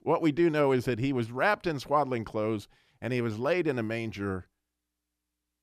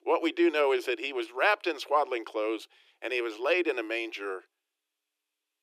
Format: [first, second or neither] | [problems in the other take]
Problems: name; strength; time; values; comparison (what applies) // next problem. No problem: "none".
first | thin; very; fading below 350 Hz